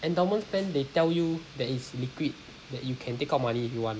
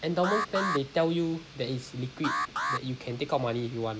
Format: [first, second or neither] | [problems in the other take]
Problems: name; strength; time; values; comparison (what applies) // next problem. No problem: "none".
first | background sound (Alarm); 5 dB below the speech